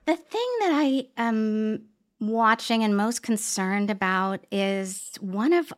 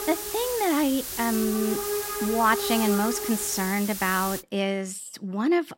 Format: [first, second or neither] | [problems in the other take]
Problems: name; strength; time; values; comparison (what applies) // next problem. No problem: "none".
first | hiss; loud; until 4.5 s; 4 dB below the speech